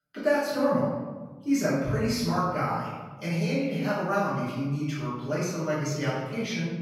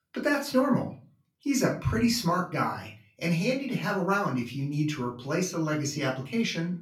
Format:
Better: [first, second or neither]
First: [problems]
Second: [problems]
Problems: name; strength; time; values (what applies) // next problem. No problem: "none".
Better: second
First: room echo; strong; dies away in 1.3 s // off-mic speech; far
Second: room echo; slight; dies away in 0.3 s // off-mic speech; far